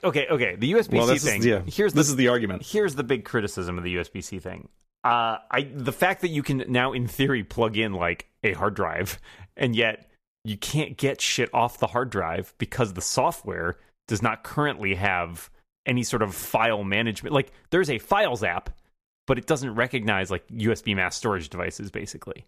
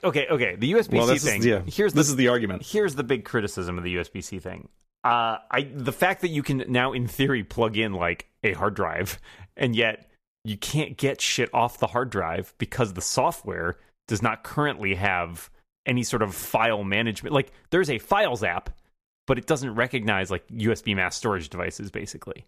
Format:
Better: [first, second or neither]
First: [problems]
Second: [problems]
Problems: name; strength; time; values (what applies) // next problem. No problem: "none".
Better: neither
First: none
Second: none